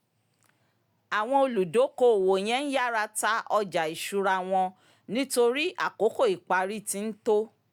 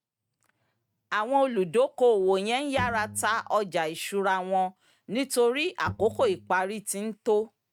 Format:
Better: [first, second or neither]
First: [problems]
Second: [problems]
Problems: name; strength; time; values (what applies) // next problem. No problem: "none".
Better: first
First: none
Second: noise reduction (neural mask model RNNoise)